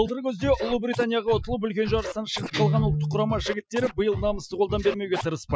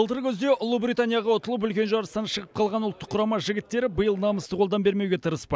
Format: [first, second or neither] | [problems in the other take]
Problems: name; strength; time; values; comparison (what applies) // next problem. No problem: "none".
second | noise reduction (classical method Wiener filter)